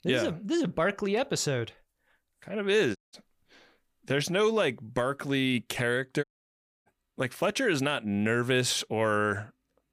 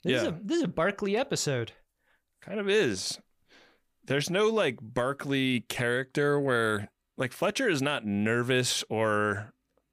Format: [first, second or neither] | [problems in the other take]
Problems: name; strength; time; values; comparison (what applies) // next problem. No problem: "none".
second | audio cutting out; at 3 s and at 6 s for 0.5 s